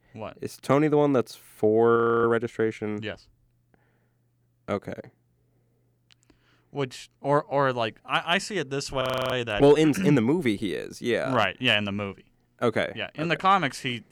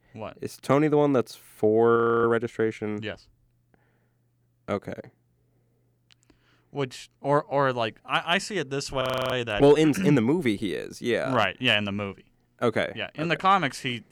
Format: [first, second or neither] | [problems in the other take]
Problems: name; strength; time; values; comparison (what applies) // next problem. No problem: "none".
neither | audio freezing; at 2 s and at 9 s; the same in both